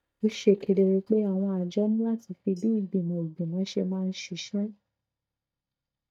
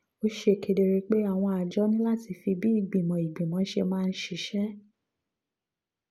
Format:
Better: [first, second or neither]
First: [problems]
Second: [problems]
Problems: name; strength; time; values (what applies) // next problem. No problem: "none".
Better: second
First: noise reduction (neural mask model DeepFilterNet 3)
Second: none